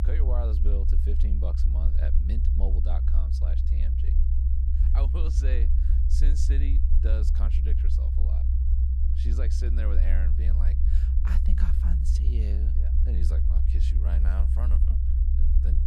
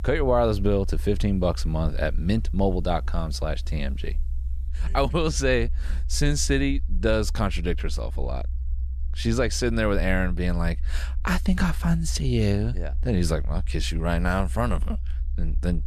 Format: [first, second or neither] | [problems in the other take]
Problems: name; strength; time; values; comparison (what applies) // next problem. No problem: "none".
second | low rumble; loud; throughout; as loud as the speech; faint in the second